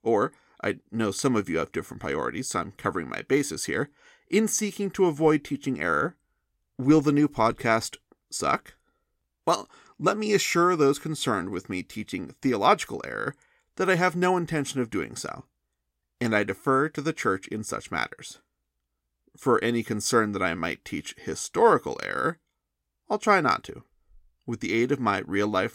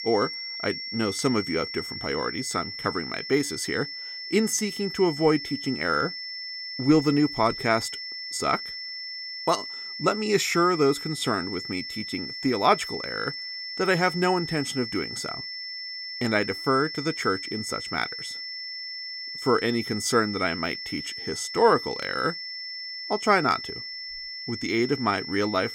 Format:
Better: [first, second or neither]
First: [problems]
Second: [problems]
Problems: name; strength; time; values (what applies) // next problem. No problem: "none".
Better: first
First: none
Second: high-pitched whine; loud; throughout; 5.5 kHz, 7 dB below the speech